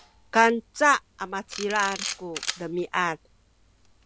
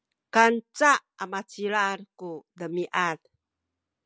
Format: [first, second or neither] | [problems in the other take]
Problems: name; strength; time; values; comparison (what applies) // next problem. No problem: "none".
second | background sound (Camera); 13 dB below the speech